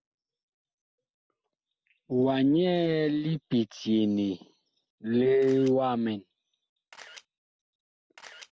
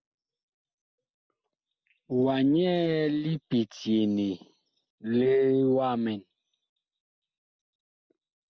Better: second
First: background sound (Camera); 19 dB below the speech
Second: none

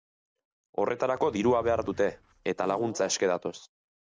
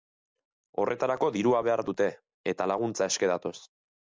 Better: second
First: background sound (Fart / Drawer open or close); 18 dB below the speech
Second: none

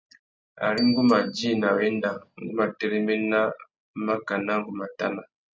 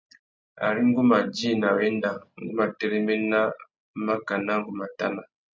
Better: second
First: background sound (Hi-hat + Bicycle bell); 17 dB below the speech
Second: none

